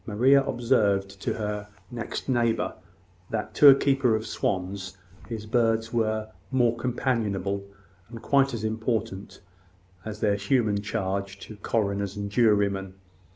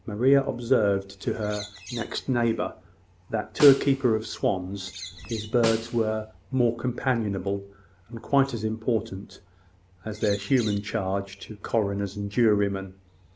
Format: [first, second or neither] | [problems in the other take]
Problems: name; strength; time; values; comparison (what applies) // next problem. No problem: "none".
first | background sound (Bird + Snare drum); 13 dB below the speech